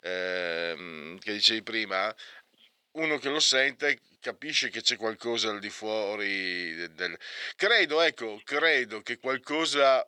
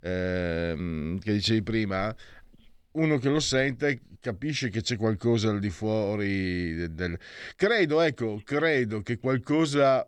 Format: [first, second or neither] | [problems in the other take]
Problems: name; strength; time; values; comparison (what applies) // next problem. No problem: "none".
second | thin; very; fading below 550 Hz